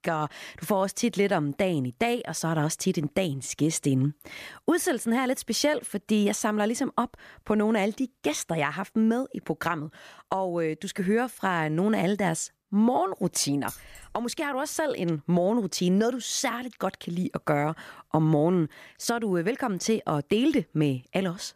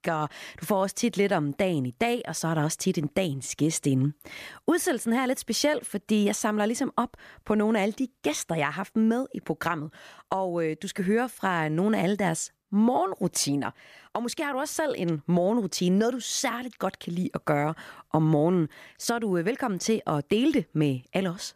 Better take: second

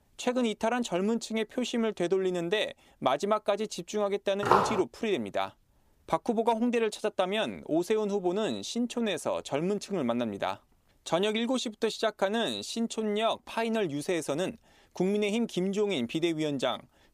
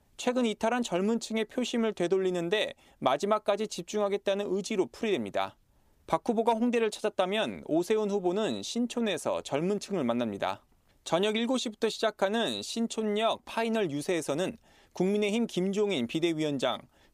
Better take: second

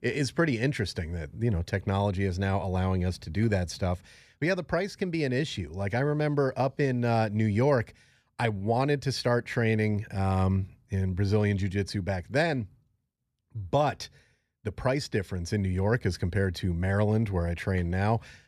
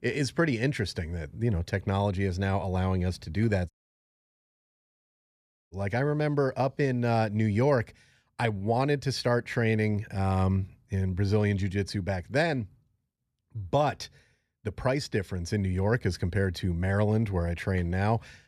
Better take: first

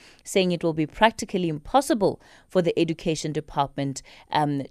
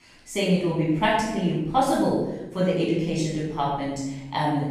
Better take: first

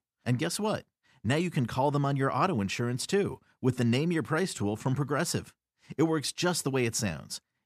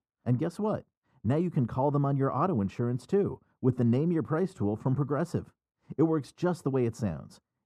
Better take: first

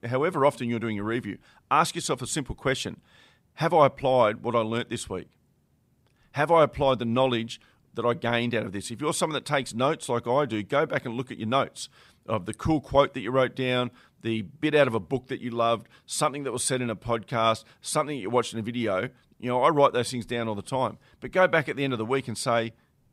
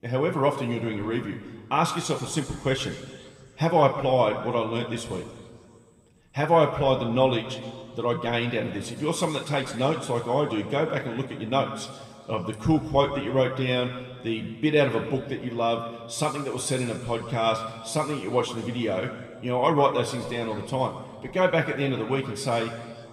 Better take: first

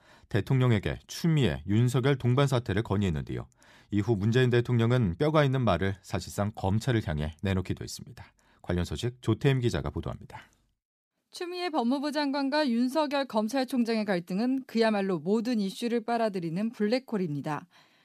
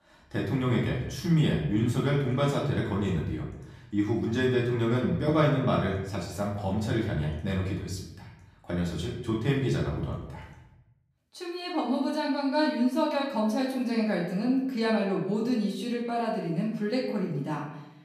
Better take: first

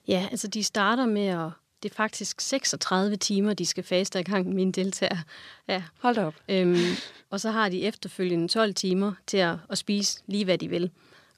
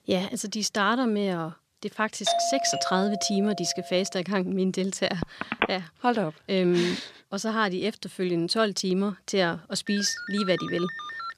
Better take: first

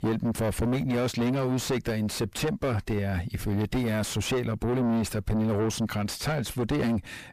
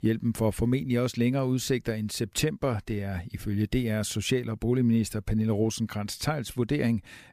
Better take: second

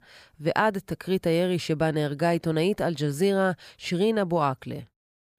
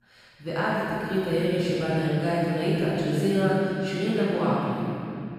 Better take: first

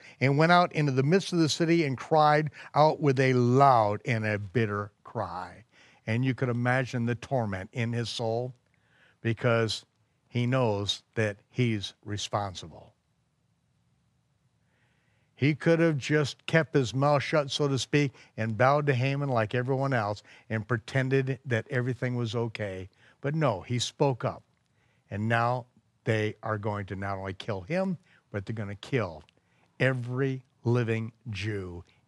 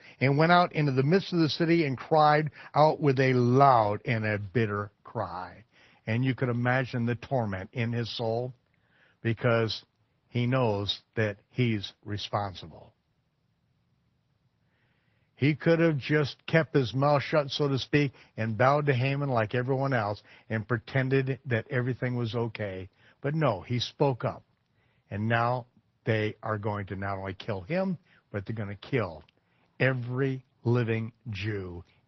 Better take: first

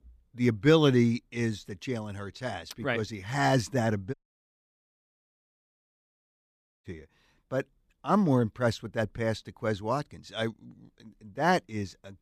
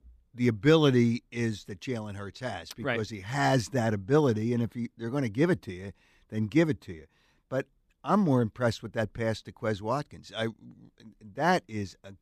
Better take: second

